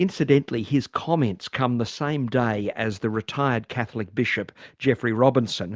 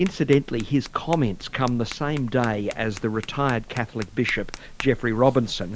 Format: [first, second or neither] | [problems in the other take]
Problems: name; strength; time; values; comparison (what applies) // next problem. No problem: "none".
first | background sound (Tap); 15 dB below the speech